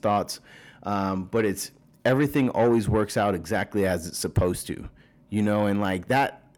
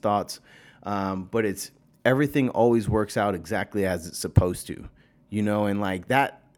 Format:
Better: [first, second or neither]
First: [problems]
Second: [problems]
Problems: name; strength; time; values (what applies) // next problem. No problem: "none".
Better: second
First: distortion; slight; 10 dB below the speech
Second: none